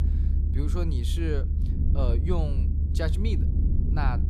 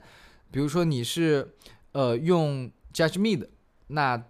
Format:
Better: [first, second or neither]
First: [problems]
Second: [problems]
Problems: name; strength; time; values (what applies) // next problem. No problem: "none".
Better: second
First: low rumble; loud; throughout; 6 dB below the speech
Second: none